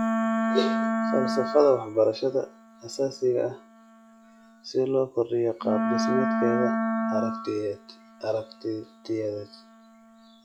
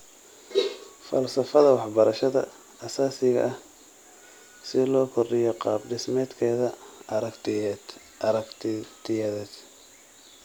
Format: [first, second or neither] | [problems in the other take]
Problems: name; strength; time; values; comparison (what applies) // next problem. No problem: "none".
second | noise reduction (classical method log-MMSE)